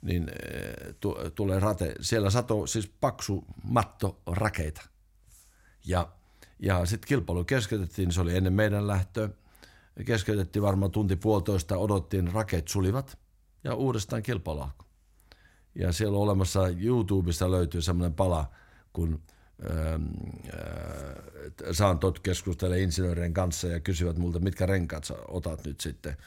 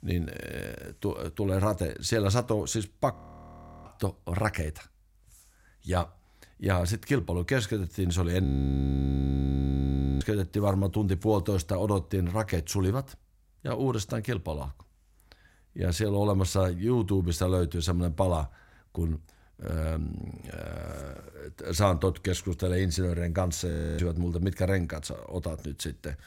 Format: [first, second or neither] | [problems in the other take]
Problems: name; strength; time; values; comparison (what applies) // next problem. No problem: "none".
first | audio freezing; at 3 s for 0.5 s, at 8.5 s for 2 s and at 24 s